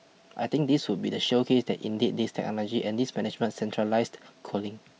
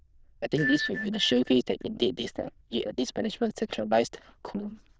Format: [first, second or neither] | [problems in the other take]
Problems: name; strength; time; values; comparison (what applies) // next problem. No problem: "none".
first | noise reduction (neural diffusion model UNIVERSE++)